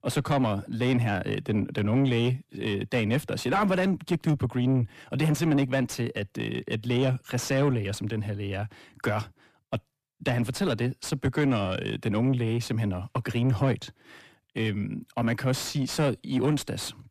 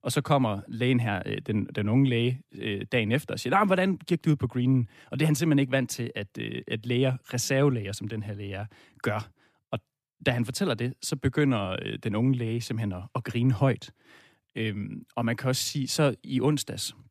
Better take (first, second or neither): second